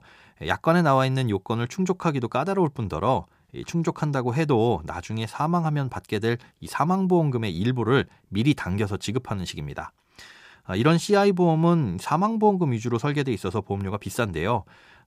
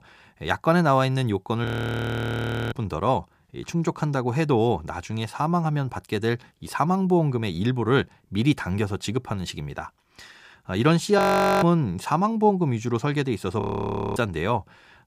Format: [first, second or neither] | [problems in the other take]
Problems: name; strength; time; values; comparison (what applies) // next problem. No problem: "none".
first | audio freezing; at 1.5 s for 1 s, at 11 s and at 14 s for 0.5 s